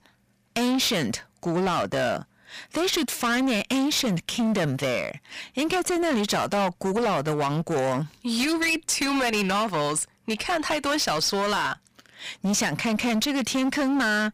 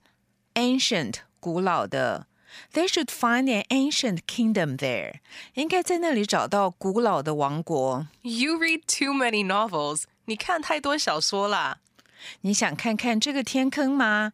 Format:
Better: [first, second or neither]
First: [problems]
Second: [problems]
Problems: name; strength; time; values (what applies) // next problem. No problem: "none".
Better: second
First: distortion; heavy; 25% of the sound clipped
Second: none